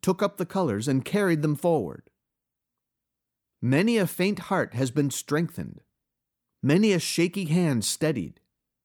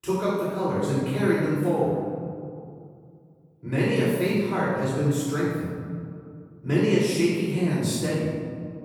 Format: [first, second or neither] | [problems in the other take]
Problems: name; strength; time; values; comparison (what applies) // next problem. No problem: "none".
first | room echo; strong; dies away in 2 s // off-mic speech; far